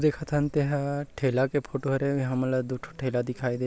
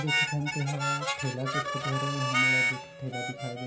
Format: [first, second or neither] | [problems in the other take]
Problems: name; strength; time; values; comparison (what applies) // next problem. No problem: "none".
first | background sound (Harmonica); 3 dB above the speech // room echo; dies away in 0.5 s